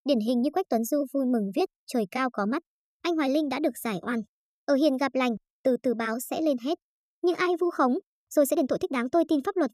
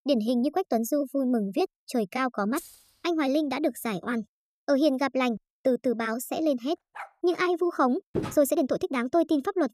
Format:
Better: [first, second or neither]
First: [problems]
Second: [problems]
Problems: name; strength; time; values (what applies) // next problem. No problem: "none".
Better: first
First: none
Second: jangling keys; faint; at 2.5 s; peak 15 dB below the speech // dog barking; faint; at 7 s; peak 15 dB below the speech // footsteps; noticeable; at 8 s; peak 6 dB below the speech